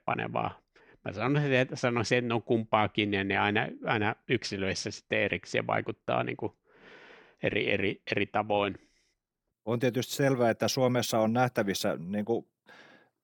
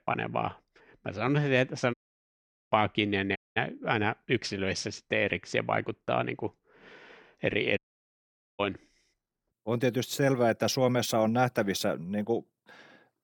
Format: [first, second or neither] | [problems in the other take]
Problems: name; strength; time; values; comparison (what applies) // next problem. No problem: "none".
first | audio cutting out; at 2 s for 1 s, at 3.5 s and at 8 s for 1 s